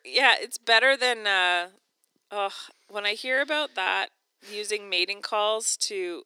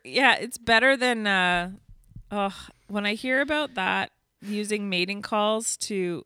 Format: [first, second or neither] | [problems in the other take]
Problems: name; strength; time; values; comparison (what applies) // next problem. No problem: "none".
second | thin; very; fading below 350 Hz